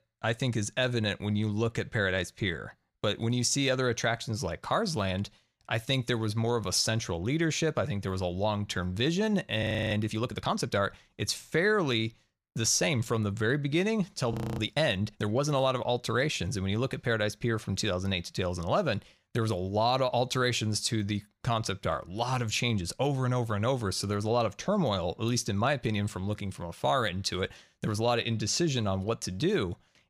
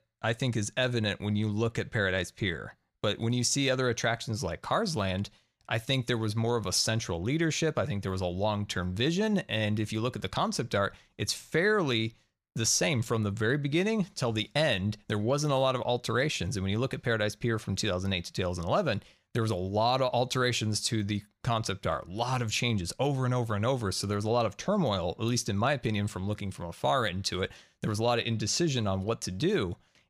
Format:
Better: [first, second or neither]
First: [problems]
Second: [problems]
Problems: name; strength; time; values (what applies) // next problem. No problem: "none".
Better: second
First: audio freezing; at 9.5 s and at 14 s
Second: none